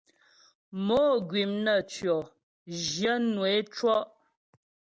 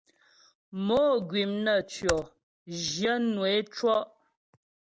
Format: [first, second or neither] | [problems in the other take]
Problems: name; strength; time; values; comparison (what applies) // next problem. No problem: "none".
first | background sound (Computer keyboard); 11 dB below the speech